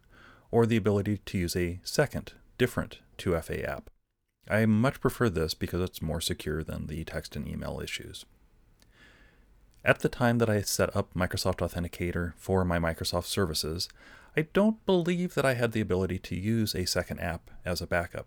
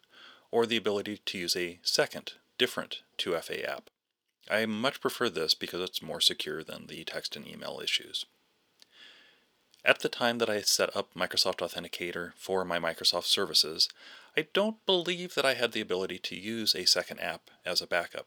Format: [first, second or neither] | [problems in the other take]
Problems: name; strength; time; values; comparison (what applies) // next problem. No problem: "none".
first | thin; somewhat; fading below 350 Hz